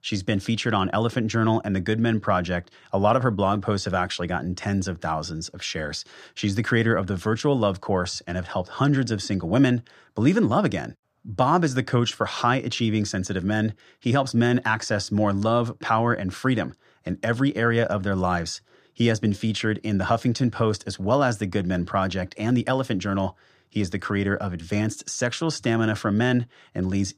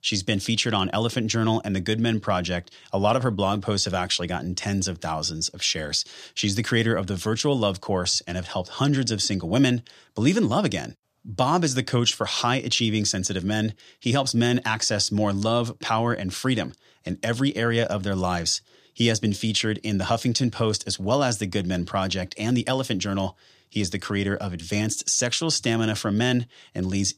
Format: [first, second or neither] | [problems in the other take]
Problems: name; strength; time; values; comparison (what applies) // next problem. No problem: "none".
second | muffled; slightly; fading above 2.5 kHz